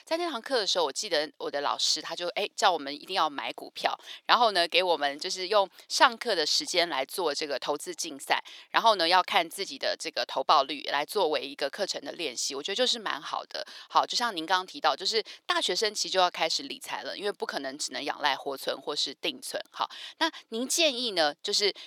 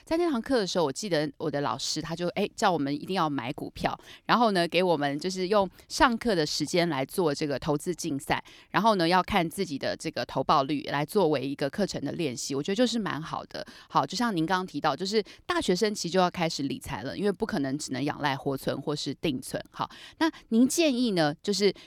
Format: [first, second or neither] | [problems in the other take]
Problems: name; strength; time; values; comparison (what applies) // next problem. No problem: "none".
second | thin; very; fading below 600 Hz